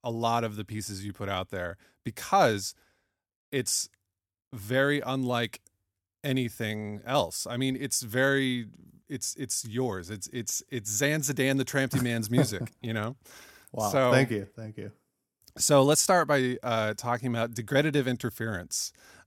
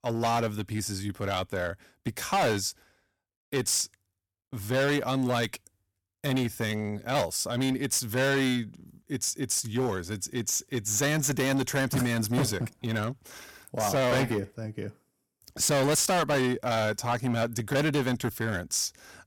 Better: first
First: none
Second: distortion; heavy; 11% of the sound clipped

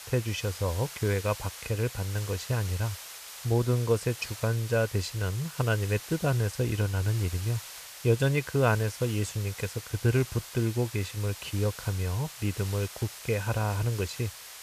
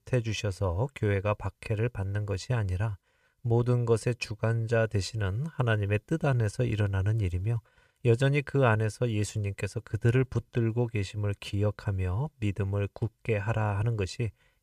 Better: second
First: hiss; noticeable; throughout; 10 dB below the speech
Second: none

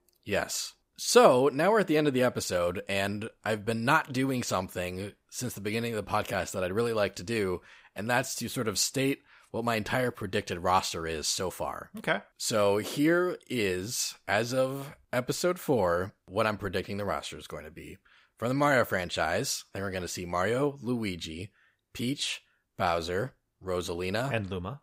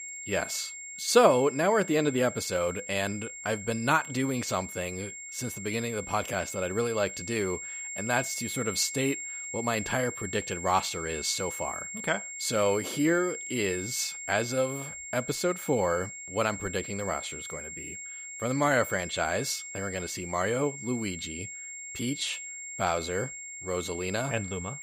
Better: first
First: none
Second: high-pitched whine; loud; throughout; 2 kHz, 8 dB below the speech

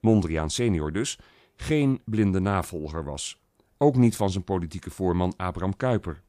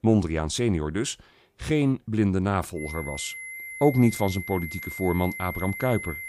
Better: first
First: none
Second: high-pitched whine; loud; from 3 s on; 2 kHz, 9 dB below the speech

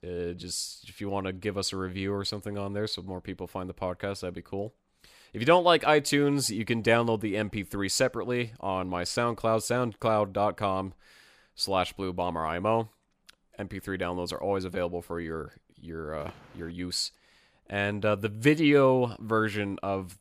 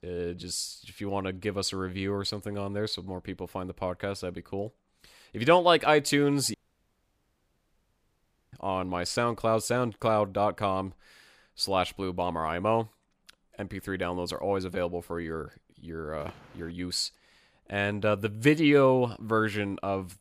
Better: first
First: none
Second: audio cutting out; at 6.5 s for 2 s

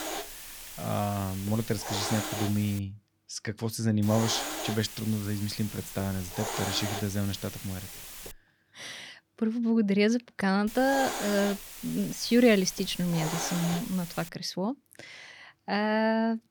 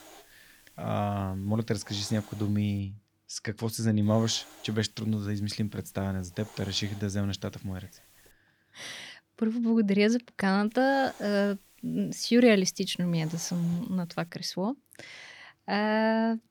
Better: second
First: hiss; loud; until 3 s, from 4 to 8.5 s and from 11 to 14 s; 8 dB below the speech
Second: hiss; faint; until 3 s, from 4 to 8.5 s and from 11 to 14 s; 25 dB below the speech

